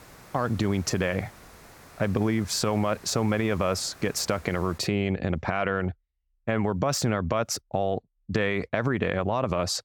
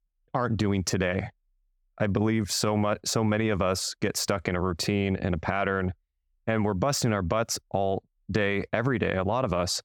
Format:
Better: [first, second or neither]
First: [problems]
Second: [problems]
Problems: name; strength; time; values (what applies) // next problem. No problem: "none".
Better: second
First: hiss; faint; until 5 s; 20 dB below the speech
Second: none